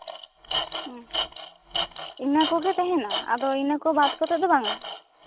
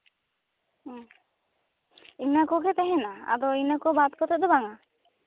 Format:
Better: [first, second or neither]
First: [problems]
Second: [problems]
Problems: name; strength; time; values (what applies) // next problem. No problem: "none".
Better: second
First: background sound (Tools); 7 dB below the speech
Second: none